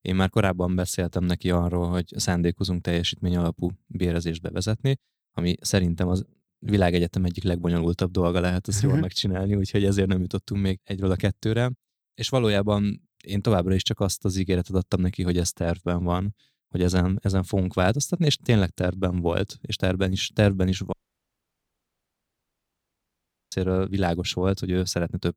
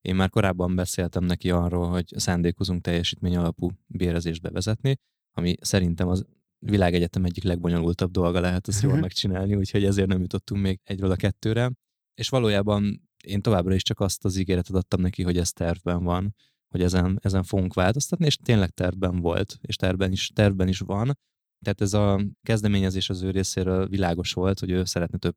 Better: second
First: audio cutting out; at 21 s for 2.5 s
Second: none

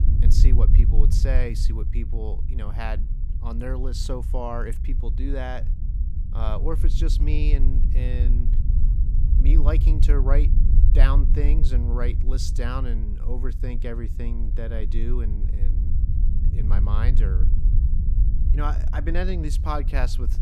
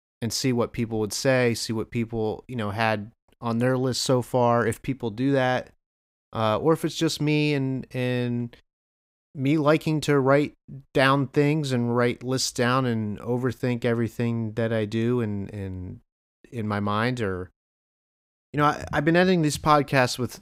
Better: second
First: low rumble; loud; throughout; 8 dB below the speech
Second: none

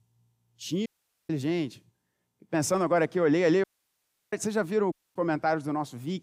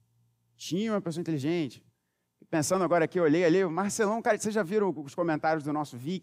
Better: second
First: audio cutting out; at 1 s, at 3.5 s for 0.5 s and at 5 s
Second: none

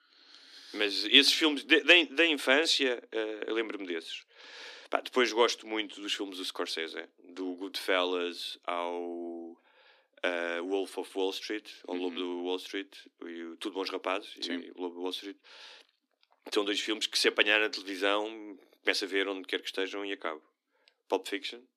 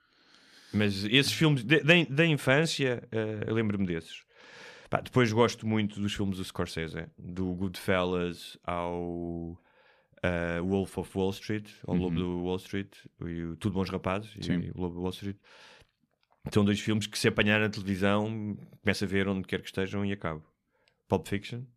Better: second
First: thin; somewhat; fading below 250 Hz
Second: none

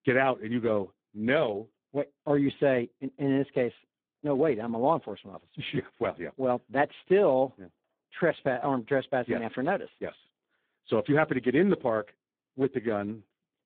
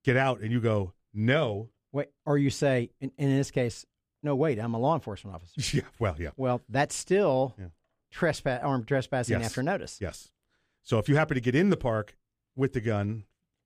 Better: second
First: phone-call audio; poor line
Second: none

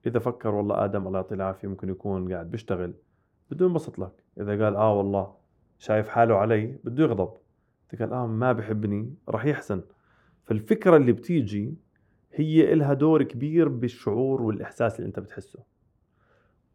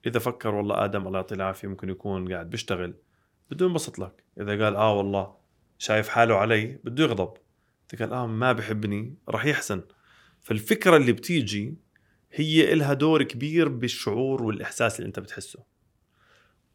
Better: second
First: muffled; very; fading above 1.5 kHz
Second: none

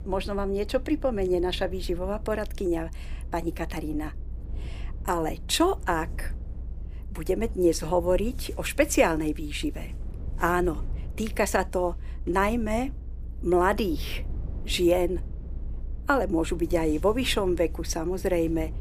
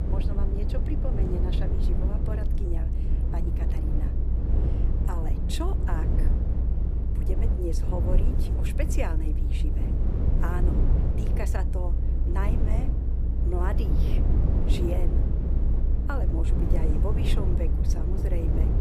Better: first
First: low rumble; faint; throughout; 25 dB below the speech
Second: low rumble; loud; throughout; 1 dB below the speech

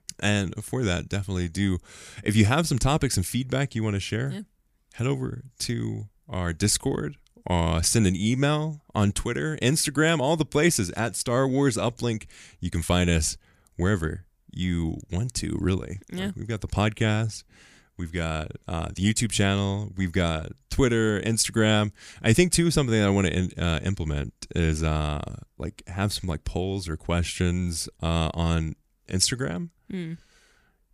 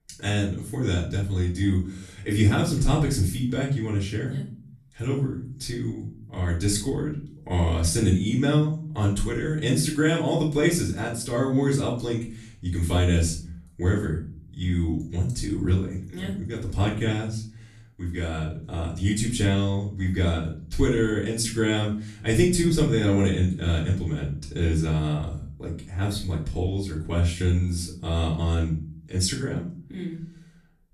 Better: first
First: none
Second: room echo; slight; dies away in 0.5 s // off-mic speech; far

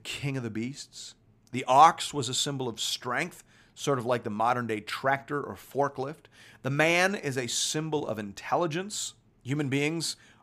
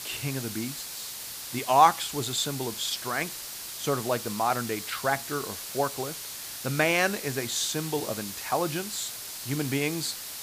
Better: first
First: none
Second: hiss; loud; throughout; 7 dB below the speech

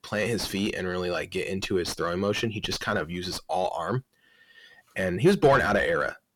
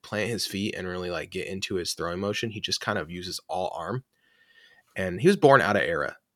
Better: second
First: distortion; heavy; 7 dB below the speech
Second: none

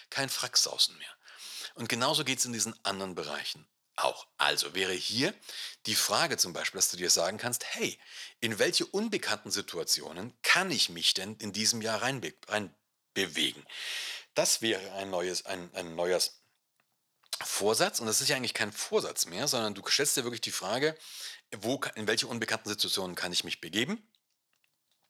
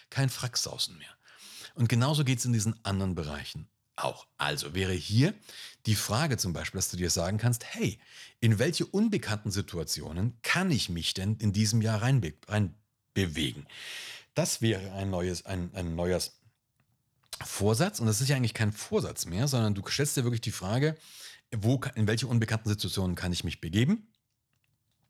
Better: second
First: thin; somewhat; fading below 400 Hz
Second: none

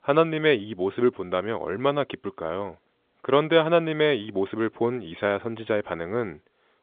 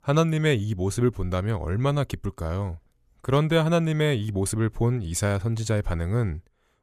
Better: second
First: phone-call audio; nothing above 3.5 kHz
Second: none

